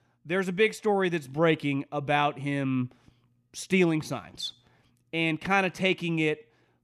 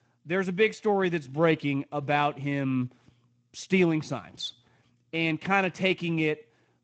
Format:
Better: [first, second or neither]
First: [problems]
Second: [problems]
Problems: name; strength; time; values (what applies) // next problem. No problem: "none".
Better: first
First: none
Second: garbled, watery; slightly; nothing above 7.5 kHz